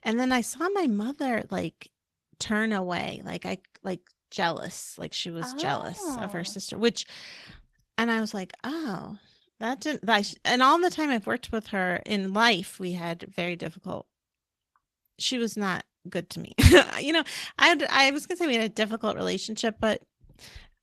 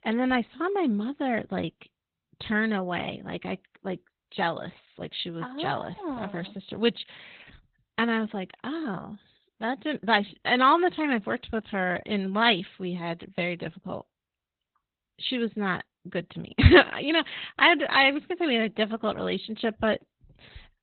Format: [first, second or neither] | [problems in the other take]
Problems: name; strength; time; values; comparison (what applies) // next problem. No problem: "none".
first | garbled, watery; badly; nothing above 4 kHz; slightly in the first